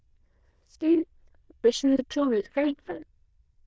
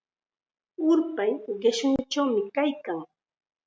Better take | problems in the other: second | noise reduction (neural diffusion model UNIVERSE++)

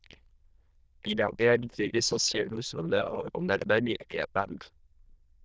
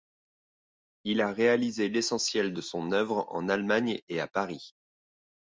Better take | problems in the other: second | noise reduction (neural diffusion model UNIVERSE++)

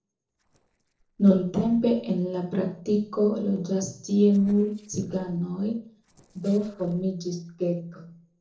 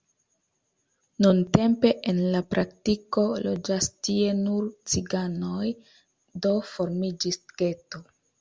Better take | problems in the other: second | noise reduction (neural separator model SepFormer DNS4)

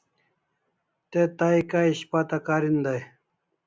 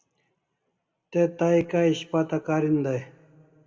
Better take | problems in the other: first | room echo; dies away in 1.5 s

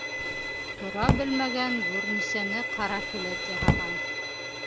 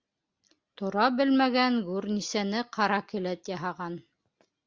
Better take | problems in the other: second | background sound (Bowed string instrument + Drawer open or close); 4 dB above the speech

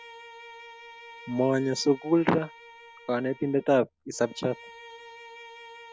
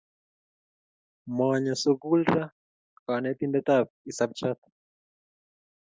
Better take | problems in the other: second | background sound (Bowed string instrument); 19 dB below the speech

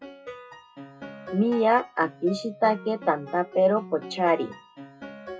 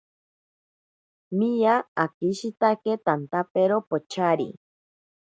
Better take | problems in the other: second | noise reduction (classical method WPE with log-MMSE)

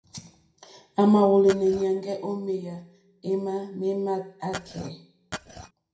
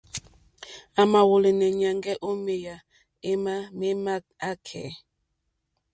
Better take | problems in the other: second | background sound (Glass); 13 dB below the speech // room echo; dies away in 0.5 s

